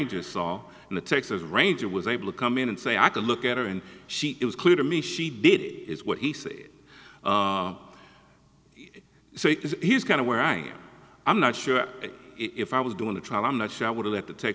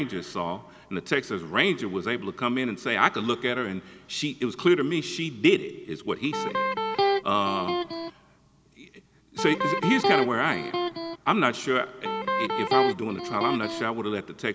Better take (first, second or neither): first